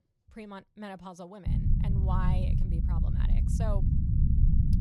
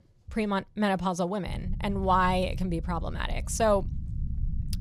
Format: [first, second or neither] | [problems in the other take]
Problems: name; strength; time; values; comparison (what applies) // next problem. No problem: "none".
second | low rumble; loud; from 1.5 s on; as loud as the speech; faint in the second